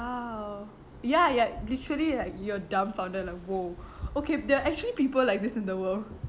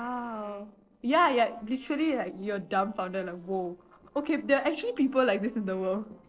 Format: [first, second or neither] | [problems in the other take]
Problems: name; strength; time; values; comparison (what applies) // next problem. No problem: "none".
first | noise reduction (neural separator model SepFormer DNS4)